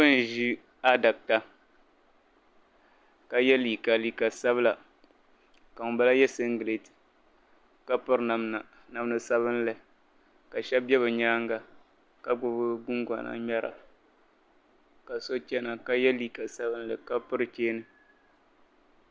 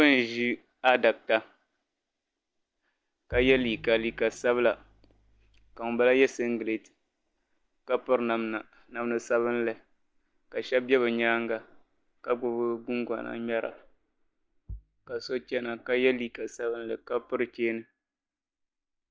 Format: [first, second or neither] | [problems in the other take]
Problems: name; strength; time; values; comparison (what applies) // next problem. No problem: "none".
first | noise reduction (neural mask model DeepFilterNet 3)